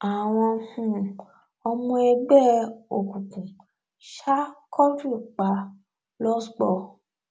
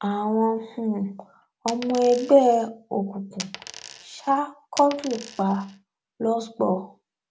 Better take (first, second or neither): first